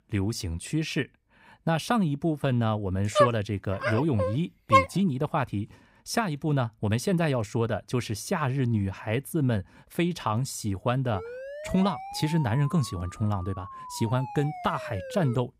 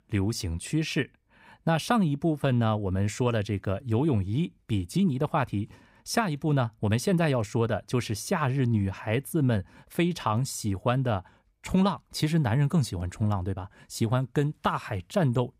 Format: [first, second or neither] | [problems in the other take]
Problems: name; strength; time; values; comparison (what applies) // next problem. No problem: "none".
second | dog barking; loud; from 3 to 5 s; peak 6 dB above the speech // siren; faint; from 11 s on; peak 10 dB below the speech